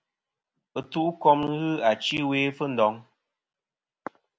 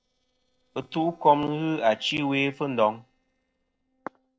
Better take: first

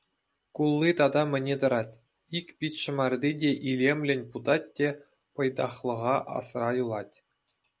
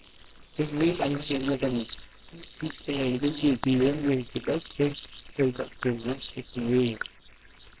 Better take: first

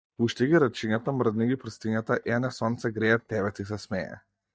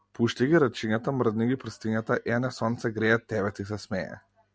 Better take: second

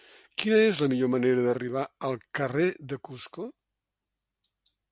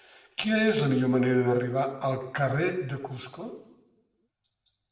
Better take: first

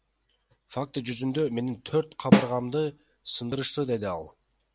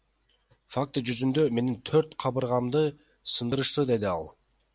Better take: second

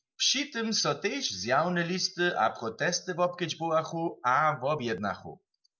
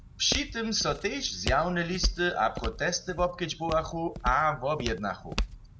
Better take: first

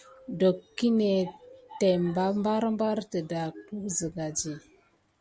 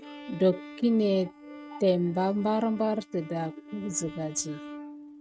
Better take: first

